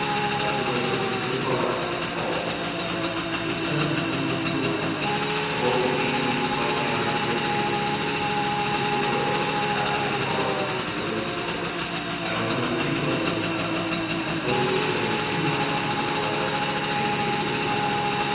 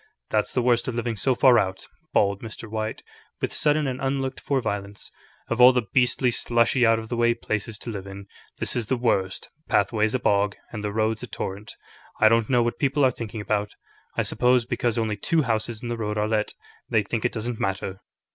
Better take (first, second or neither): second